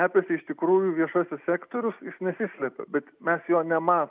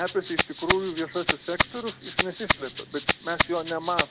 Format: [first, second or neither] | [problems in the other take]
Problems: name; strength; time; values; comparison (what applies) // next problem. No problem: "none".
first | background sound (Rattle (instrument)); 1 dB above the speech